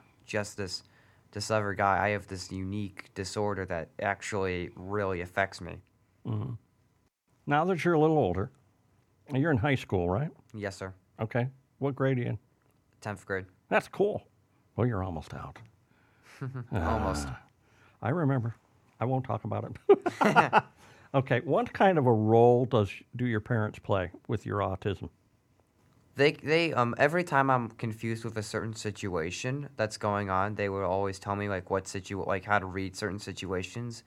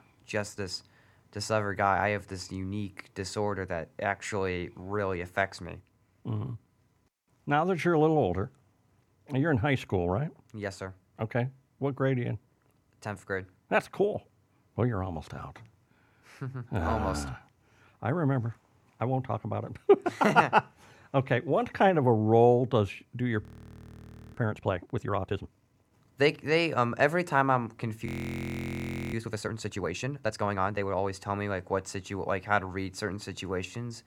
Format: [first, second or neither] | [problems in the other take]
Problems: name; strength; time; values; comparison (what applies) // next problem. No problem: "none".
first | audio freezing; at 23 s for 1 s and at 28 s for 1 s